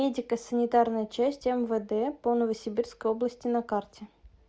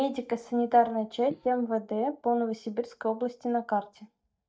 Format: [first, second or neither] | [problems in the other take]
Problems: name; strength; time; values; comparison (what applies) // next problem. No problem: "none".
first | noise reduction (neural mask model DeepFilterNet 3)